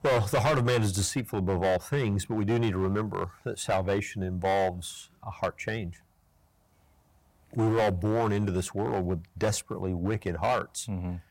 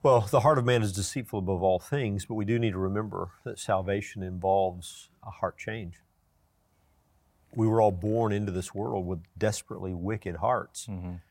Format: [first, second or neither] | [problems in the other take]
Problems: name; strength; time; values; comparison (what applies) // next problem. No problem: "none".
second | distortion; heavy; 9% of the sound clipped